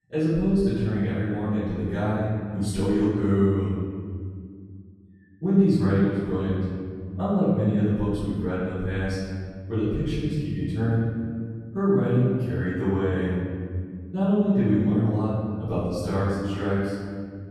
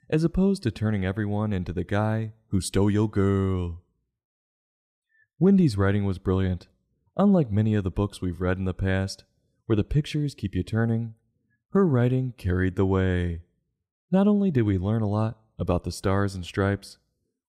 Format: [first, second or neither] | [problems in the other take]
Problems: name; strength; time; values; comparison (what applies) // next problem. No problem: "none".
second | off-mic speech; far // room echo; strong; dies away in 2 s